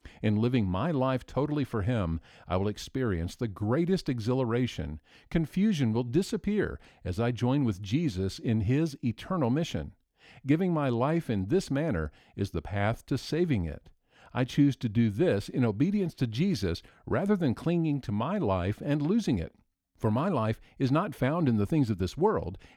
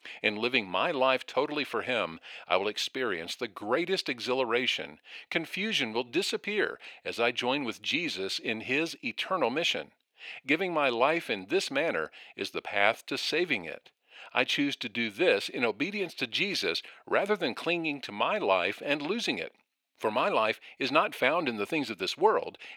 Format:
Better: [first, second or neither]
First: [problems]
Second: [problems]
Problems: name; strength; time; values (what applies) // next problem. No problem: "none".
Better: first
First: none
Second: thin; very; fading below 550 Hz